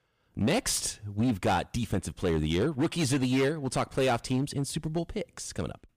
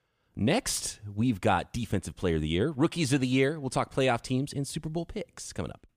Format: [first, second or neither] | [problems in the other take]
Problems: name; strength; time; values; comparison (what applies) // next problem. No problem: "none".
second | distortion; slight; 8% of the sound clipped